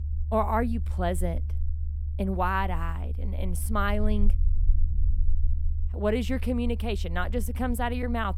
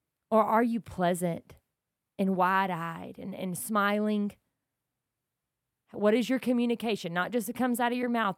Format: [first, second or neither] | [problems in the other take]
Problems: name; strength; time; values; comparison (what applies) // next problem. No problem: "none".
second | low rumble; faint; throughout; 20 dB below the speech